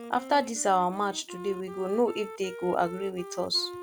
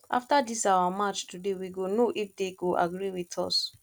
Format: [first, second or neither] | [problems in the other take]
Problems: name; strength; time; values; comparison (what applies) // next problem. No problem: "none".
second | background sound (Wind instrument, woodwind instrument); 13 dB below the speech